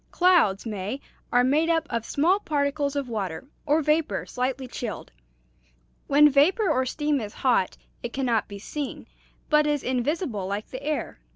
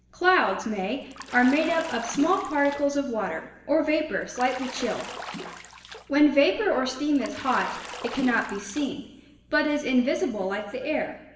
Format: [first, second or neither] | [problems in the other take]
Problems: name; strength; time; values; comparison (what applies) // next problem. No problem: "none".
first | background sound (Bathtub (filling or washing) / Splash, splatter); 14 dB below the speech // room echo; dies away in 1.1 s